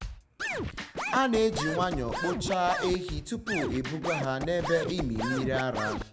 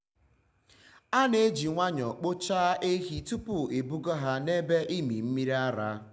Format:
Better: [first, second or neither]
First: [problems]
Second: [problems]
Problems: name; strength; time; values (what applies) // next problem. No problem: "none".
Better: second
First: background sound (Scratching (performance technique)); 5 dB below the speech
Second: none